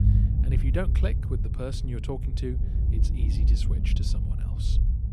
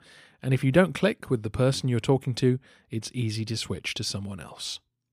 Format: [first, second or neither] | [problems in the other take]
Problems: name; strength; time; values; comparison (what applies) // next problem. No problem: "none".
second | low rumble; loud; throughout; 4 dB below the speech